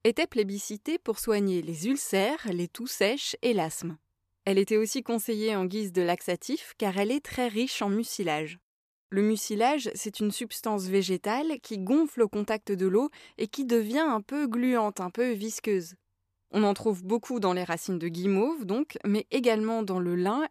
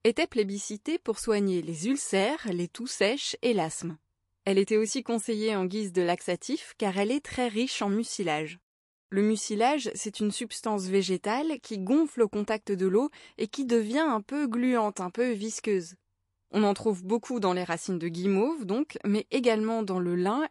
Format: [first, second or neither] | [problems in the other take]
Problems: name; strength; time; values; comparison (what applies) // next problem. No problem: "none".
first | garbled, watery; slightly; nothing above 11 kHz